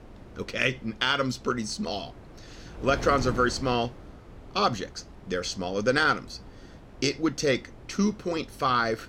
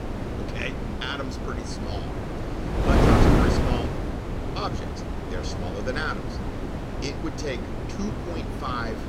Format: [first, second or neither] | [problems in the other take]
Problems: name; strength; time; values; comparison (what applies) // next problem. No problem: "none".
first | wind noise on the microphone; heavy; 2 dB above the speech; occasional gusts in the first